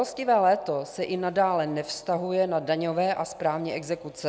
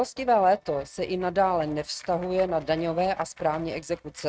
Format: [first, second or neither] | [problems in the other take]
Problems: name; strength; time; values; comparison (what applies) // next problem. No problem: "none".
first | noise reduction (neural mask model RNNoise)